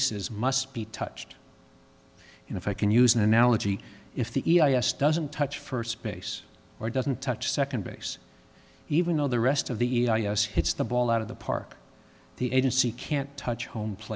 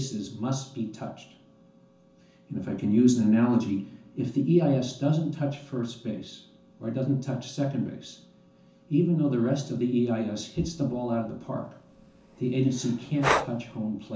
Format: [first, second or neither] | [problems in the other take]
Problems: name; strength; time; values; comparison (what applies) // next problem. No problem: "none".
first | background sound (Breathing); 5 dB below the speech // room echo; dies away in 0.9 s